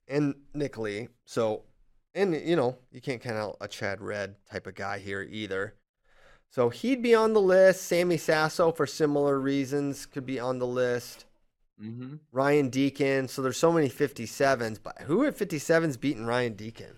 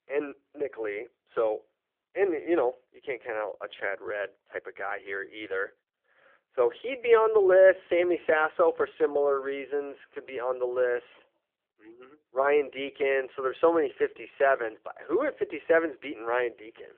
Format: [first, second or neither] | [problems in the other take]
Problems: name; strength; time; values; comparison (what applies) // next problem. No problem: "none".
first | phone-call audio